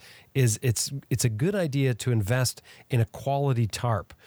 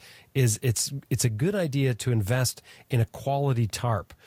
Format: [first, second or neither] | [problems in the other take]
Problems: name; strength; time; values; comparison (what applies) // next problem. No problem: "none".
first | garbled, watery; slightly; nothing above 15 kHz